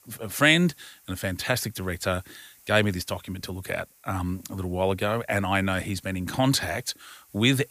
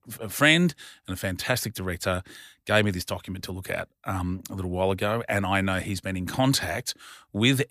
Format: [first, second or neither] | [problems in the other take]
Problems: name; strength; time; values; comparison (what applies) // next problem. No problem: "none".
second | hiss; faint; throughout; 25 dB below the speech